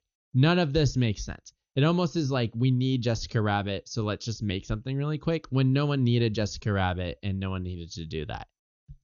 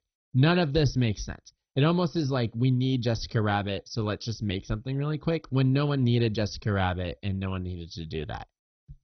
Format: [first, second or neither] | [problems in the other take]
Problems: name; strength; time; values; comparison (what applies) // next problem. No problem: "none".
first | garbled, watery; badly; nothing above 6 kHz; slightly in the first